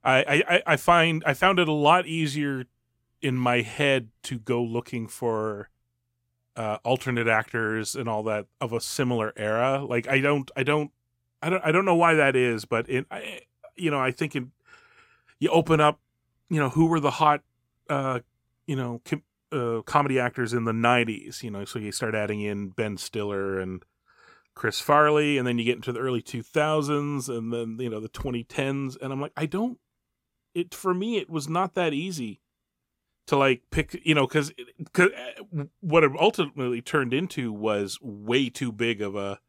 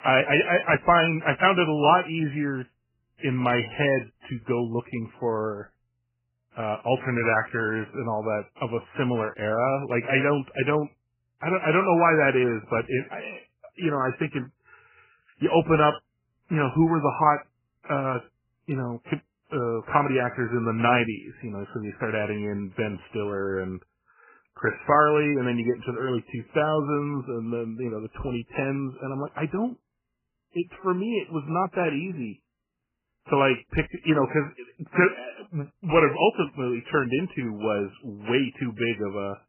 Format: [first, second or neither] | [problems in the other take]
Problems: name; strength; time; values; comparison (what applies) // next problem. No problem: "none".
first | garbled, watery; badly; nothing above 3 kHz